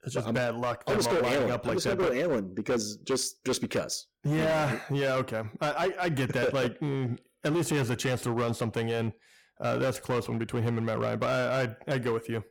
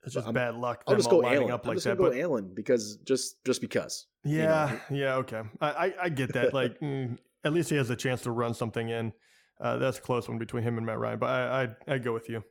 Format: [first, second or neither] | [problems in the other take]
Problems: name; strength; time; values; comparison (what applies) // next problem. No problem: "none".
second | distortion; heavy; 16% of the sound clipped